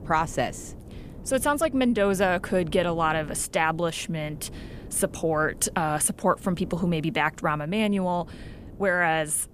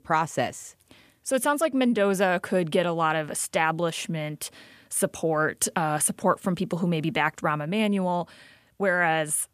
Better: second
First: wind noise on the microphone; occasional gusts; 25 dB below the speech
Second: none

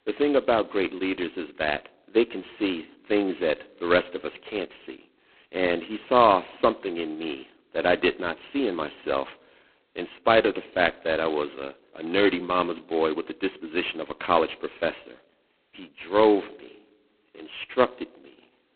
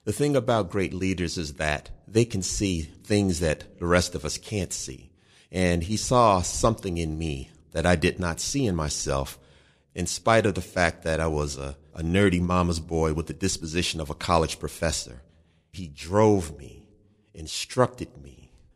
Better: second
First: phone-call audio; poor line; nothing above 4 kHz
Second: none

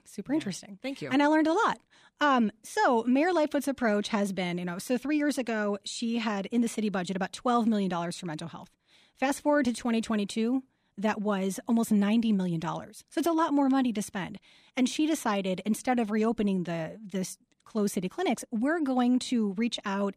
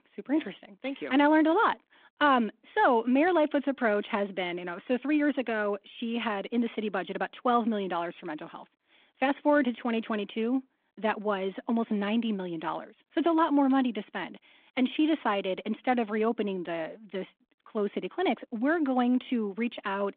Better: first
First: none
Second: phone-call audio

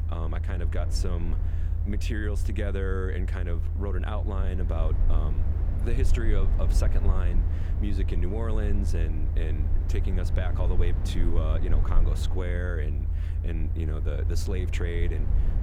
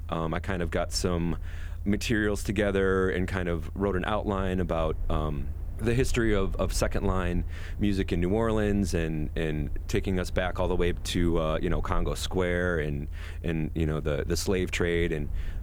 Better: second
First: low rumble; loud; throughout; 7 dB below the speech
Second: low rumble; faint; throughout; 25 dB below the speech

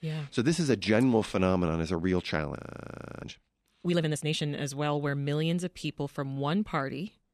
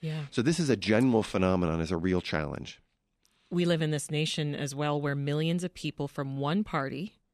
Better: second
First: audio freezing; at 2.5 s for 0.5 s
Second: none

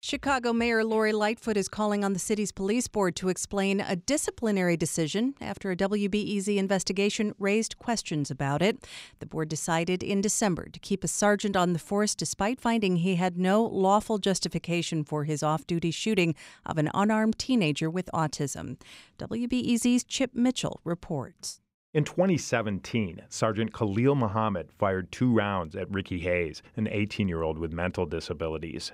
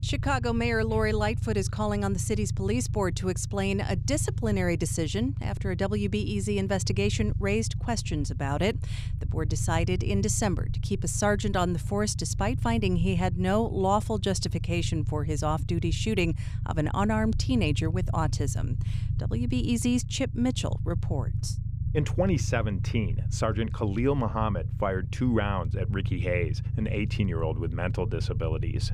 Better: first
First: none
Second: low rumble; noticeable; throughout; 15 dB below the speech

